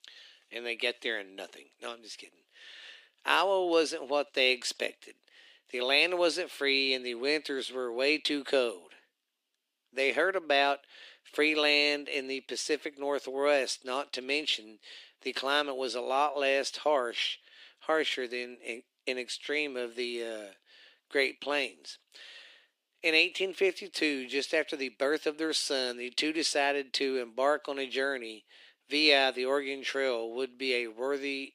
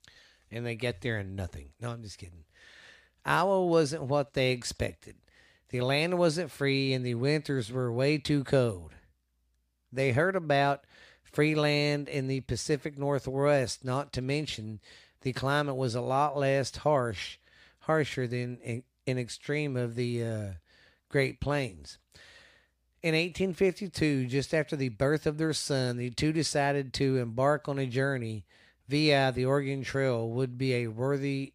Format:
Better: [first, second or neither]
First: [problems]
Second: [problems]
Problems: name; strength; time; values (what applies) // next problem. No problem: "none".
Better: second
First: thin; somewhat; fading below 300 Hz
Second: none